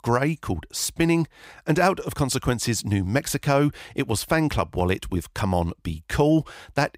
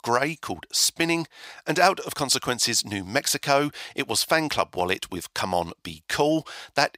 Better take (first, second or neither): first